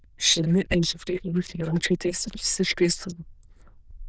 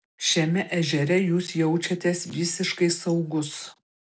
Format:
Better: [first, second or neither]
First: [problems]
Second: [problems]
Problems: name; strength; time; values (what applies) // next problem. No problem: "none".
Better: second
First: noise reduction (neural diffusion model UNIVERSE++)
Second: none